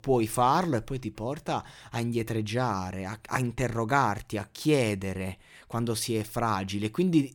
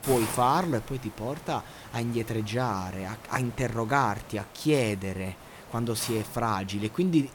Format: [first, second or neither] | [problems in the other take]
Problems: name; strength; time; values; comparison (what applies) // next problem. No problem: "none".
first | hiss; noticeable; throughout; 15 dB below the speech